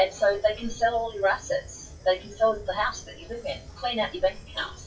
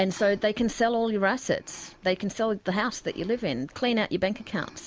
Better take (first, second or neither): second